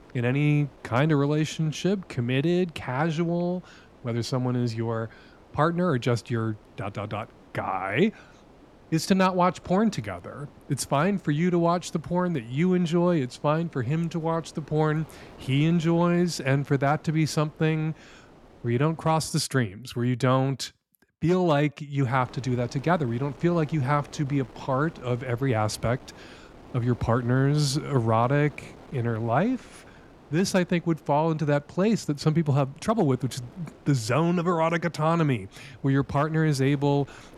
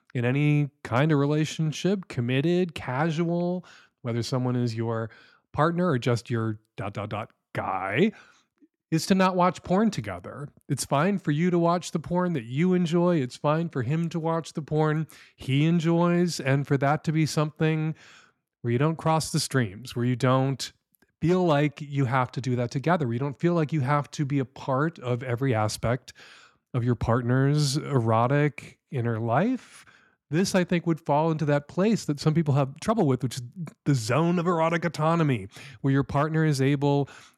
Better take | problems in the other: second | wind noise on the microphone; occasional gusts; until 19 s and from 22 s on; 25 dB below the speech

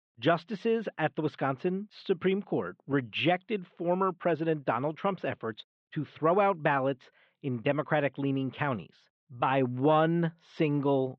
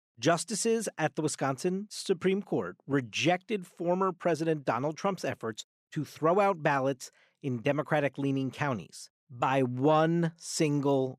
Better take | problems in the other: second | muffled; very; fading above 3.5 kHz

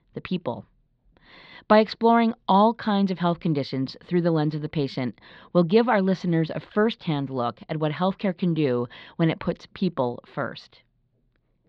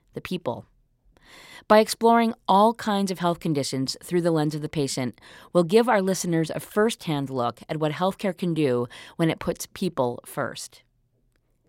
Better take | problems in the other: second | muffled; very slightly; fading above 4 kHz

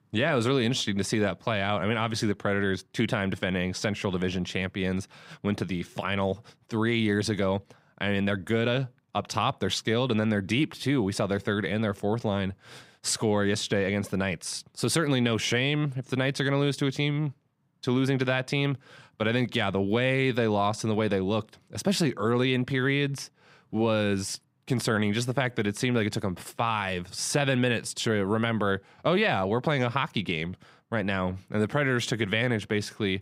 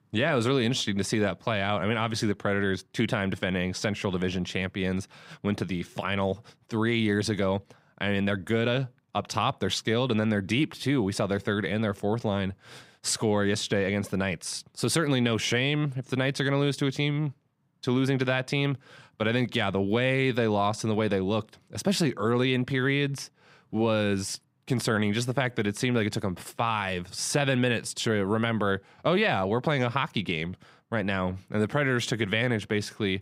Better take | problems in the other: neither | none

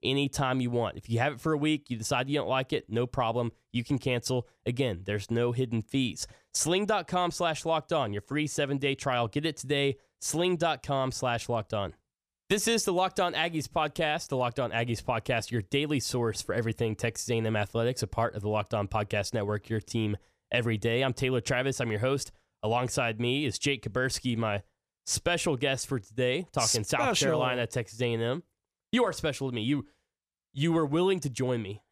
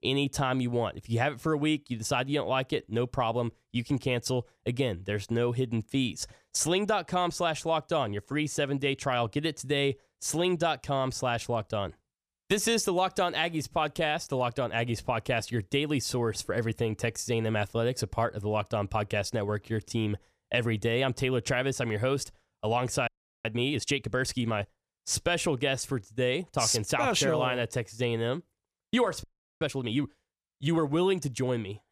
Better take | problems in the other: first | audio freezing; at 23 s and at 29 s

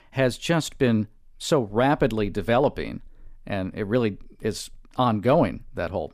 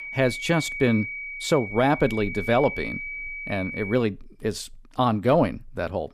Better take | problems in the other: first | high-pitched whine; loud; until 4 s; 2.5 kHz, 8 dB below the speech

